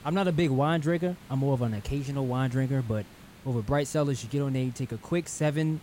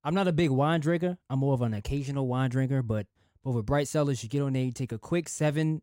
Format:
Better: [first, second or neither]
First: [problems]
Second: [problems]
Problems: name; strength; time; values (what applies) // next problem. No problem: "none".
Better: second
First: hiss; faint; throughout; 20 dB below the speech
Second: none